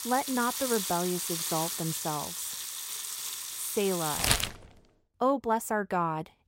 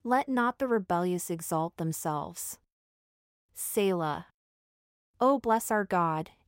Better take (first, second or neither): second